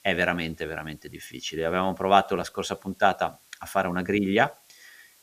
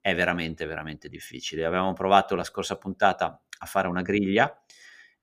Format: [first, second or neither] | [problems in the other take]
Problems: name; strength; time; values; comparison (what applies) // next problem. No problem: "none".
second | hiss; faint; throughout; 30 dB below the speech